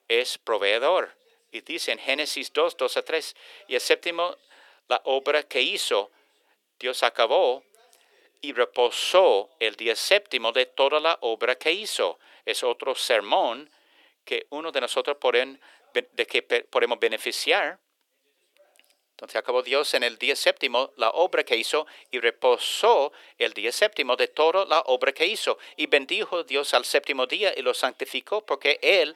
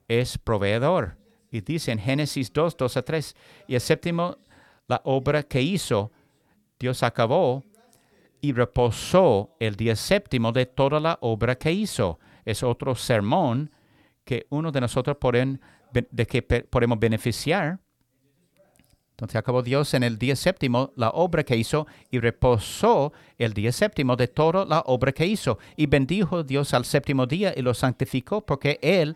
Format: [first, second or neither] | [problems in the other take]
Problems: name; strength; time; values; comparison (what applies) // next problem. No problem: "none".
second | thin; very; fading below 400 Hz